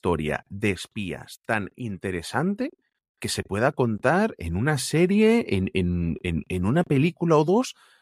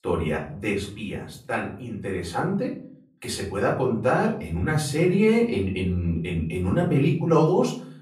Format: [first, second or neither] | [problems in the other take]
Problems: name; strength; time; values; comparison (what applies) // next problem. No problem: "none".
first | room echo; slight; dies away in 0.5 s // off-mic speech; far